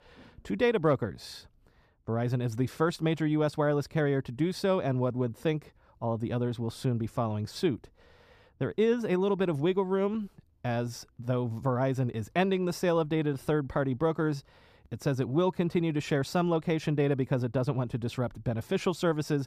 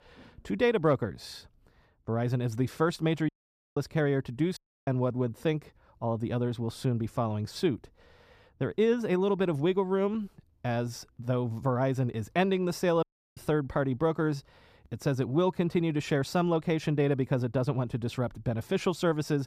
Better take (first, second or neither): first